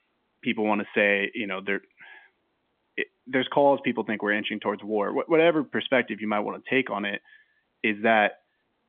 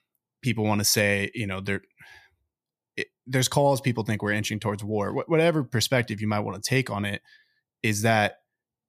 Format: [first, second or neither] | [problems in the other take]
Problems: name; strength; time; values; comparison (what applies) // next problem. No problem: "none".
second | phone-call audio; nothing above 3.5 kHz